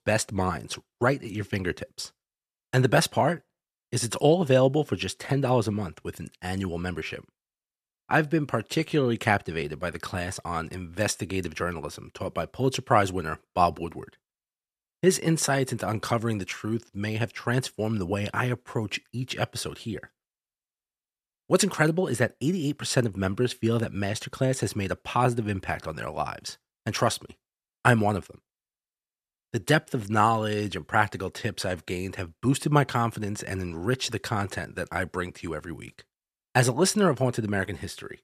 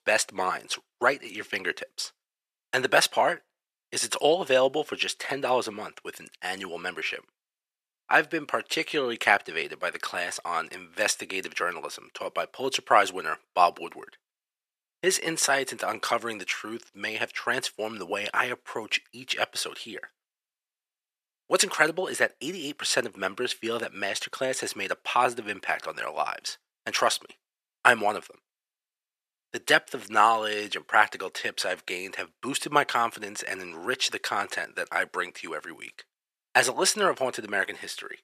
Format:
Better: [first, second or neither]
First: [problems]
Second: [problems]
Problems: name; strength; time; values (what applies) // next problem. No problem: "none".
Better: first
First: none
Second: thin; very; fading below 500 Hz